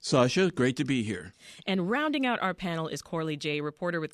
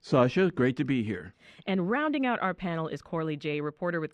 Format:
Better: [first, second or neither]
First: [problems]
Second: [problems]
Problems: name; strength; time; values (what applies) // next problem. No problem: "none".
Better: first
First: none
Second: muffled; slightly; fading above 4 kHz